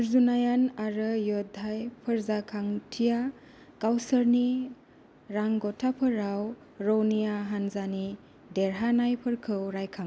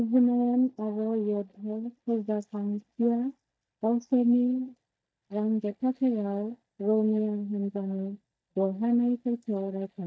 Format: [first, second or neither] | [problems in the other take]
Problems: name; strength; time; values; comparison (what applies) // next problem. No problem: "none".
first | noise reduction (neural mask model DeepFilterNet 3)